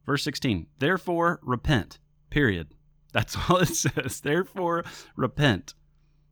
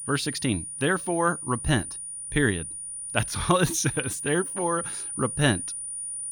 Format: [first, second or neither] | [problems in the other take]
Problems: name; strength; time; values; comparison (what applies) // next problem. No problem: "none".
first | high-pitched whine; loud; throughout; 9.5 kHz, 6 dB below the speech